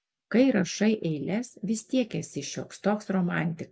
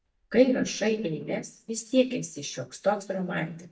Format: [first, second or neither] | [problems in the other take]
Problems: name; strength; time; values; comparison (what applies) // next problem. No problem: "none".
first | noise reduction (neural mask model DeepFilterNet 3)